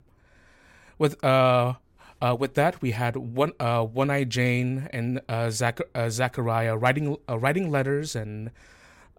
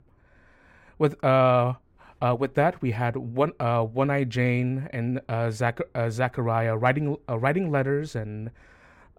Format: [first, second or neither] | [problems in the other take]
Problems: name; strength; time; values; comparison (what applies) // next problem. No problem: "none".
first | muffled; slightly; fading above 3 kHz